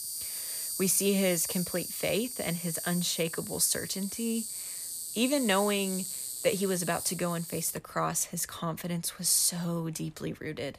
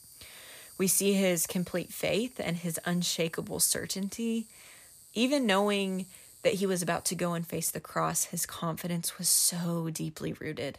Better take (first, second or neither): second